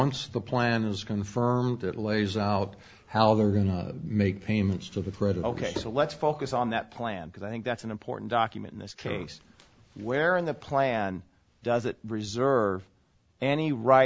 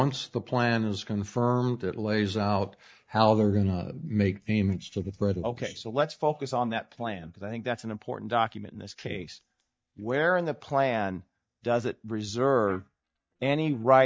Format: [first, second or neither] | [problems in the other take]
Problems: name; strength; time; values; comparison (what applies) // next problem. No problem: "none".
first | noise reduction (neural mask model DeepFilterNet 3)